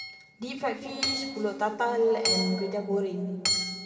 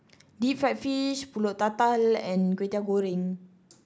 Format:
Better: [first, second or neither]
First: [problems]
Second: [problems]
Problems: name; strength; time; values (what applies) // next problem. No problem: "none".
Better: second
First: background sound (Hammer / Chink, clink); 4 dB below the speech // room echo; dies away in 2.7 s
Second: none